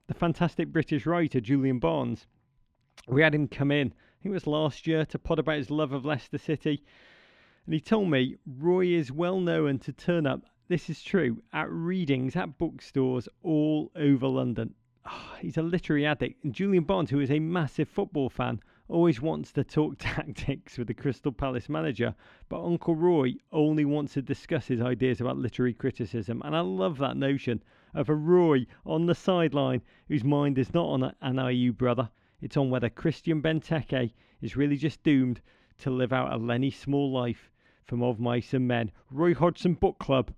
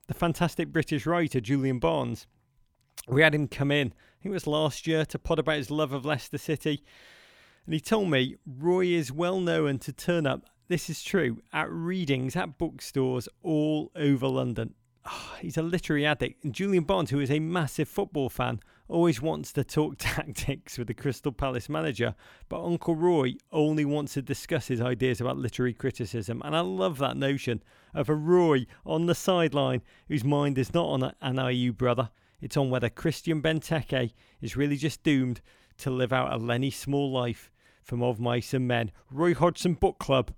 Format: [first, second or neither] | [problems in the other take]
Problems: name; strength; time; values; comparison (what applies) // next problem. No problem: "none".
second | muffled; slightly; fading above 3.5 kHz